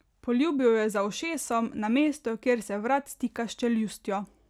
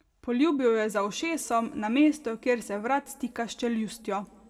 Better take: first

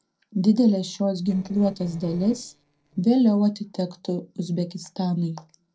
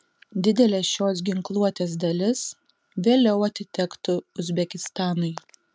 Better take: second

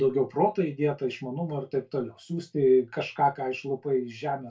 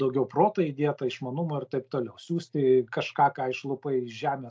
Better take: second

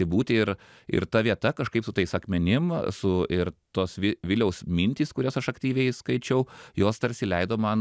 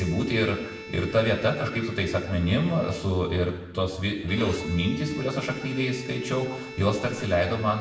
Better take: first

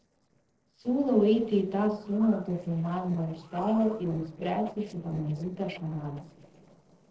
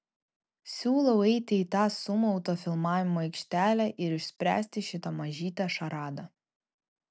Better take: second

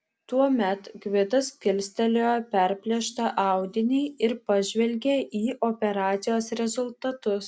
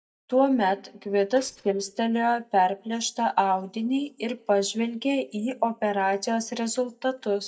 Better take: first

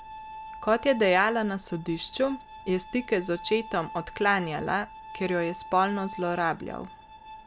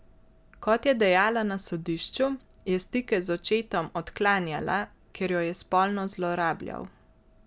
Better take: second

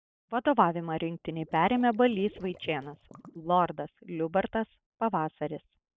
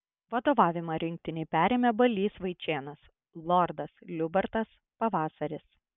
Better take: second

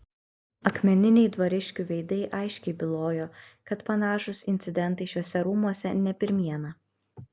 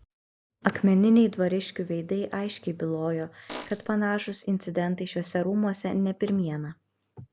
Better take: first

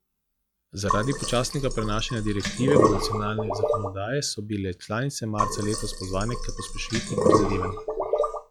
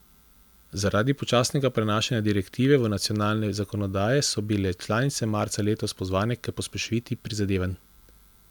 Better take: second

